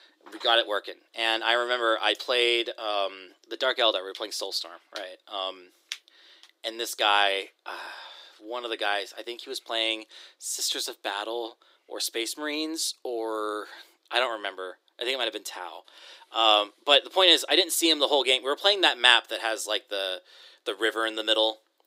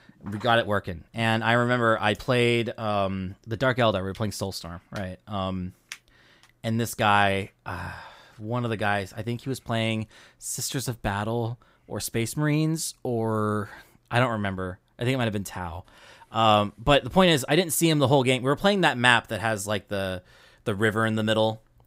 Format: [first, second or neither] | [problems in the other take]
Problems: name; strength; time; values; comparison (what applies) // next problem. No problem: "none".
second | thin; very; fading below 300 Hz